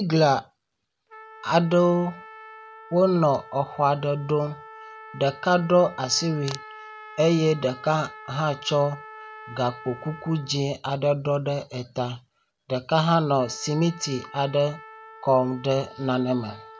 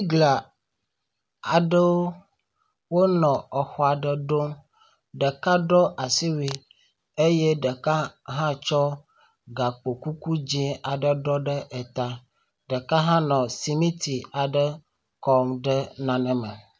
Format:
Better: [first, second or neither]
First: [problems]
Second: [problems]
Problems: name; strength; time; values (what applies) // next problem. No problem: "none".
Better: second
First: background sound (Trumpet); 20 dB below the speech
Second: none